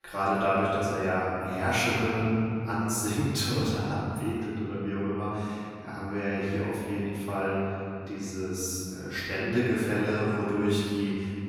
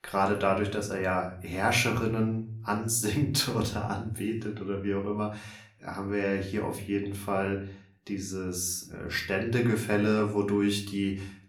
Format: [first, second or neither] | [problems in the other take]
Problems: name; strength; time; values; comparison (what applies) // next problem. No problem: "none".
second | room echo; strong; dies away in 2.6 s; slight in the second // off-mic speech; far; somewhat distant in the second